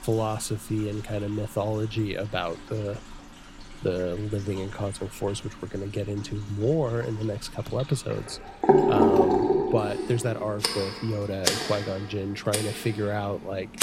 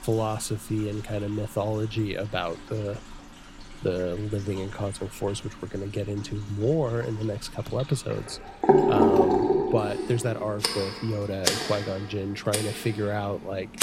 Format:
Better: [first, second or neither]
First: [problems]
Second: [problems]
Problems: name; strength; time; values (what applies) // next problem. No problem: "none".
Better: neither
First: household noises; very loud; throughout; 5 dB above the speech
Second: household noises; very loud; throughout; 5 dB above the speech